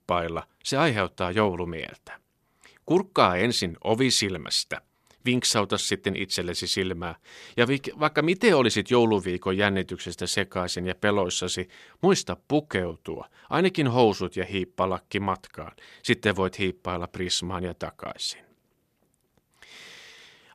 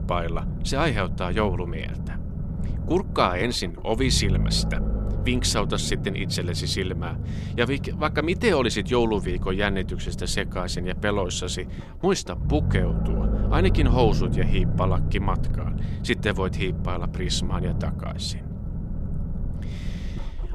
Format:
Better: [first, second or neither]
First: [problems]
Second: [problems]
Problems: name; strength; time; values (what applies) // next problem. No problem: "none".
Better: first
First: none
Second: low rumble; noticeable; throughout; 10 dB below the speech